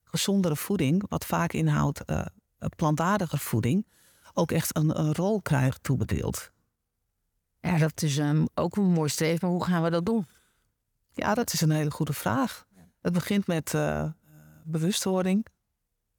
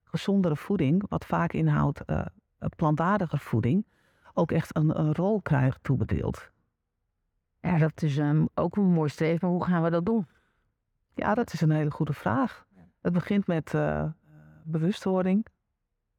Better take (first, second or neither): first